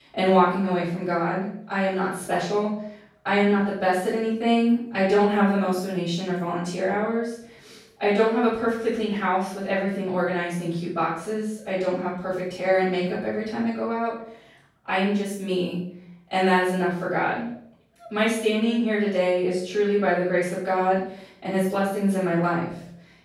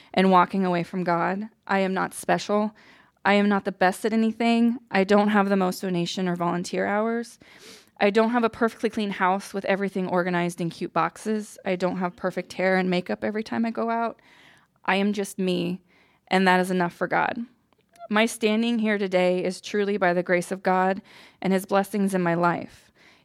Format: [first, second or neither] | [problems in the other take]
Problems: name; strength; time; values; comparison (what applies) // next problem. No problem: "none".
second | off-mic speech; far // room echo; noticeable; dies away in 0.6 s